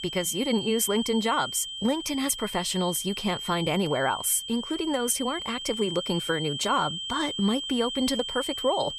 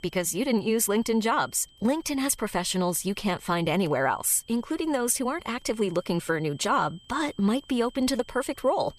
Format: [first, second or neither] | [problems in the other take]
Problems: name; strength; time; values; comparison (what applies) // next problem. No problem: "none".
second | high-pitched whine; loud; throughout; 3 kHz, 6 dB below the speech; faint in the second